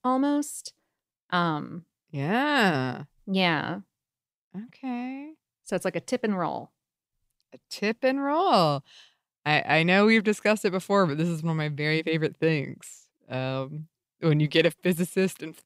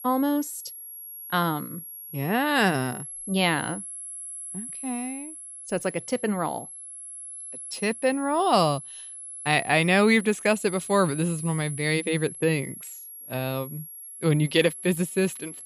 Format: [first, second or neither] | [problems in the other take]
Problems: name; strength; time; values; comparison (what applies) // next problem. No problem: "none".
first | high-pitched whine; noticeable; throughout; 11 kHz, 10 dB below the speech